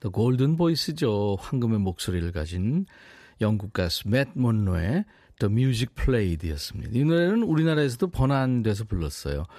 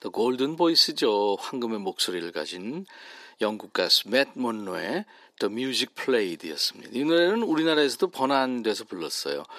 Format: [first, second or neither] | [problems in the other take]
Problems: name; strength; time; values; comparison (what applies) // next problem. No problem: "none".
first | thin; somewhat; fading below 300 Hz